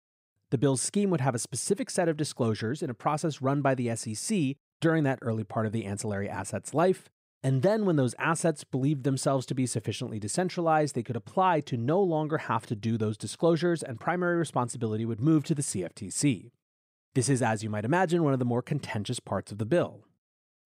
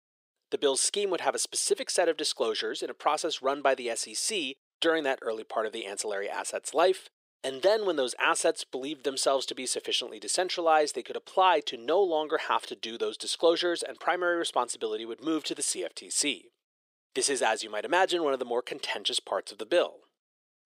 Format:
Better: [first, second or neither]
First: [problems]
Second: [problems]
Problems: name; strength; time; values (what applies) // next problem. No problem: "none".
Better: first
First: none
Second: thin; very; fading below 400 Hz